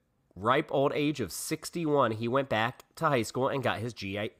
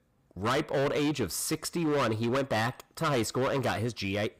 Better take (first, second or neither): first